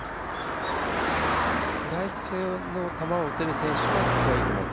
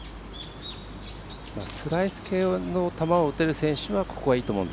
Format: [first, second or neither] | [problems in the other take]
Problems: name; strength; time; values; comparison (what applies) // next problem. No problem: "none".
second | background sound (Car passing by); 5 dB above the speech